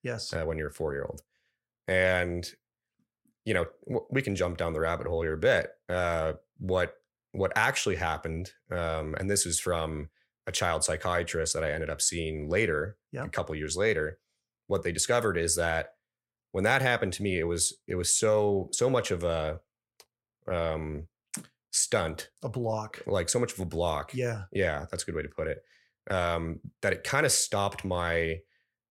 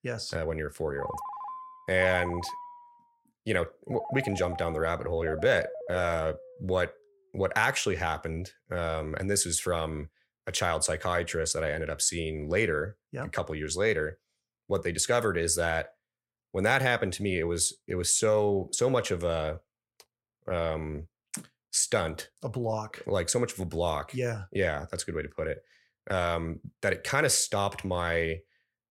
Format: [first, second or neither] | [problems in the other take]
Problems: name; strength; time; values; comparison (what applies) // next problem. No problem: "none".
first | phone ringing; noticeable; from 1 to 6.5 s; peak 9 dB below the speech